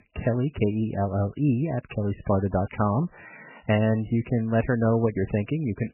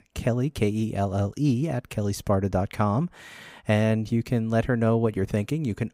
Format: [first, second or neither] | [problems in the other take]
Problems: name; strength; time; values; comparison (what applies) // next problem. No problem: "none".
second | garbled, watery; badly; nothing above 3 kHz